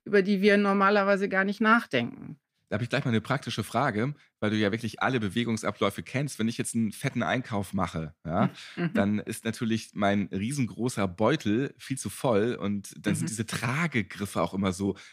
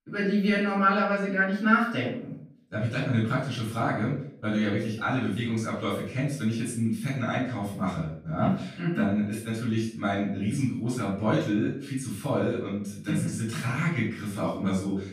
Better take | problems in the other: first | off-mic speech; far // room echo; noticeable; dies away in 0.5 s

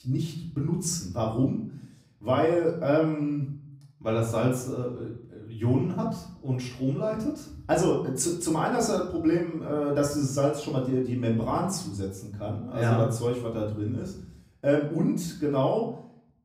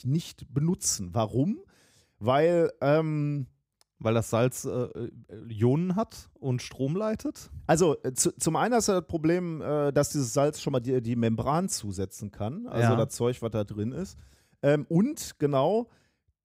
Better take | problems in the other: second | off-mic speech; far // room echo; slight; dies away in 0.5 s

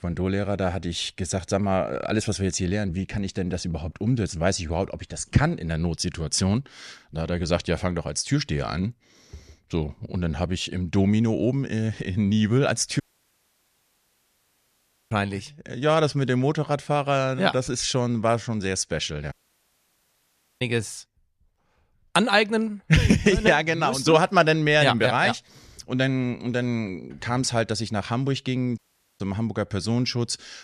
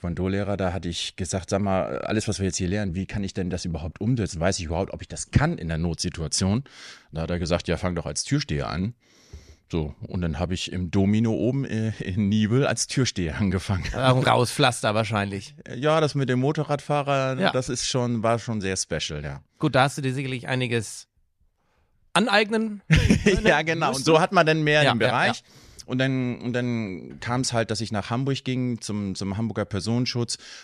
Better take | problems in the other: second | audio cutting out; at 13 s for 2 s, at 19 s for 1.5 s and at 29 s

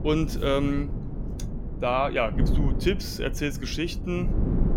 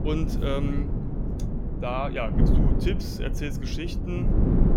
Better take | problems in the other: first | wind noise on the microphone; heavy; 3 dB below the speech; occasional gusts in the first

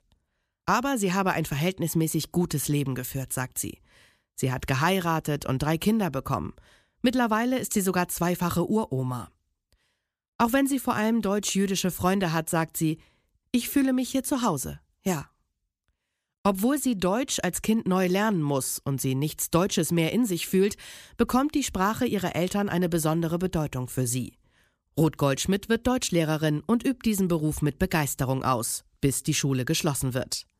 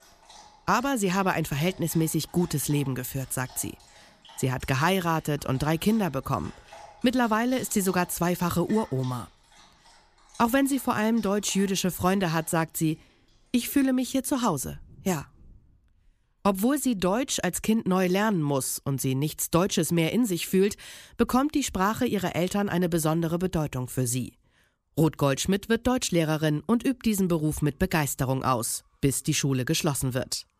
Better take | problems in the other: first | animal sounds; faint; throughout; 25 dB below the speech

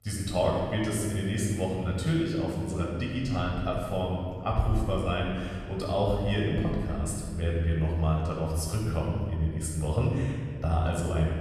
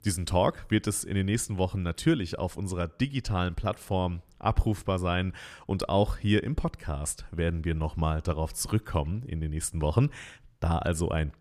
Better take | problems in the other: second | off-mic speech; far // room echo; noticeable; dies away in 2 s

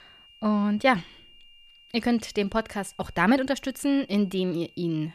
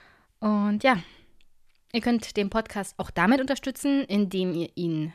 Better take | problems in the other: second | high-pitched whine; faint; throughout; 3 kHz, 25 dB below the speech

